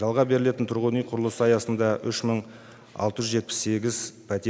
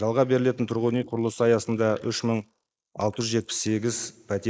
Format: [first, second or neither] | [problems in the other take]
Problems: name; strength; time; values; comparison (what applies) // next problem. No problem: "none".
first | noise reduction (neural mask model Resemble Enhance denoiser)